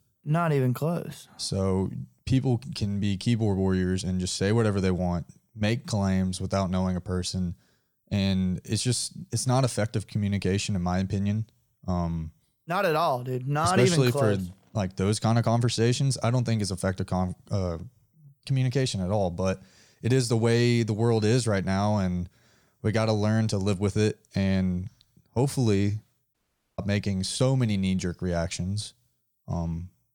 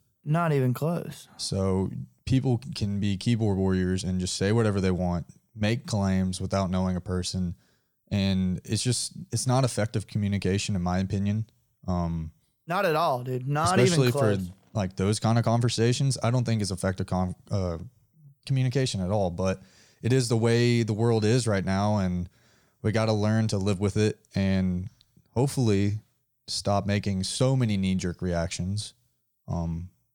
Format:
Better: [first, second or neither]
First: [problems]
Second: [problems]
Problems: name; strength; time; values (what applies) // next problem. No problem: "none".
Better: second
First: audio cutting out; at 26 s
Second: none